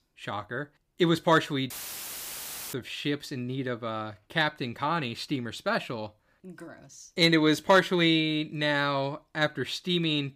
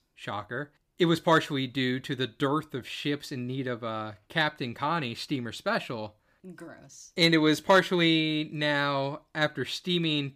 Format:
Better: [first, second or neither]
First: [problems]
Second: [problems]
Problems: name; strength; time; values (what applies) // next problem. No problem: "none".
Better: second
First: audio cutting out; filled with static; at 1.5 s for 1 s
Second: none